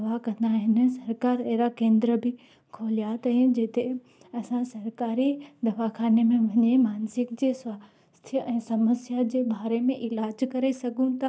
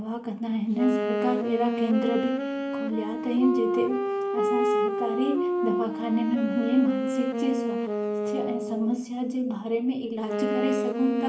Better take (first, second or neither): first